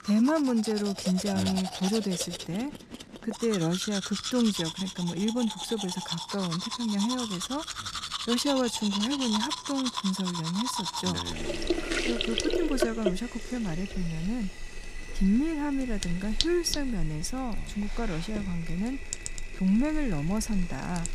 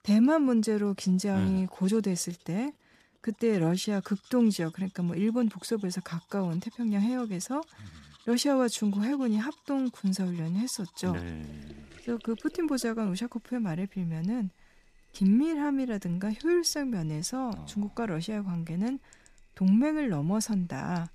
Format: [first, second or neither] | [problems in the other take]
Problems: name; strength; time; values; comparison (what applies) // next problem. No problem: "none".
second | household noises; loud; throughout; 4 dB below the speech; faint in the second